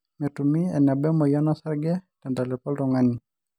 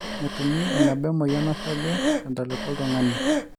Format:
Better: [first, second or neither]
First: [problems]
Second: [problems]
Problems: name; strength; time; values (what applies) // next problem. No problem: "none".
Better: first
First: none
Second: background sound (Breathing); 2 dB below the speech